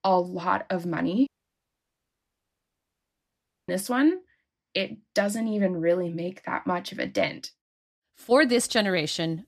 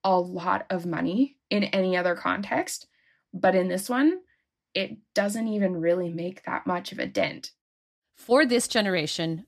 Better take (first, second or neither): second